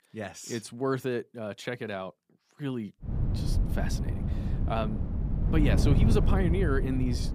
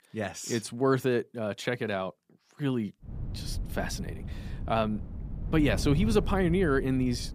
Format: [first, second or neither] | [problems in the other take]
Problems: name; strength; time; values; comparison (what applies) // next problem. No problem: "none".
second | wind noise on the microphone; heavy; from 3 s on; 5 dB below the speech; occasional gusts in the second